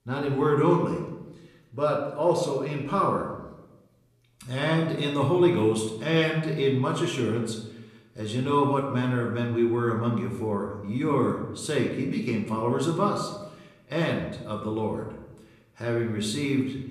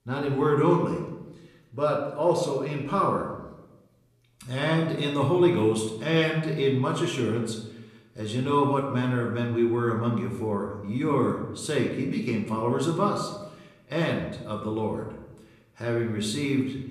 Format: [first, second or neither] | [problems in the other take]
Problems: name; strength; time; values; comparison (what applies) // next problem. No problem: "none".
neither | room echo; slight; dies away in 0.8 s; the same in both // off-mic speech; somewhat distant; the same in both